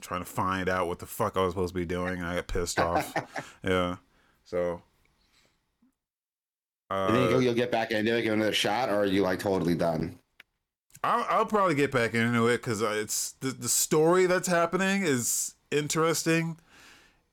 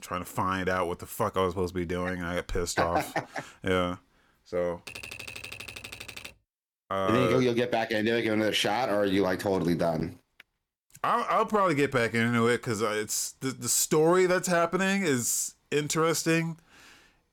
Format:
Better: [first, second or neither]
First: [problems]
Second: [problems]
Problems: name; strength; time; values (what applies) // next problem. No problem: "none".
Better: first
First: none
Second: keyboard typing; faint; from 5 to 6.5 s; peak 10 dB below the speech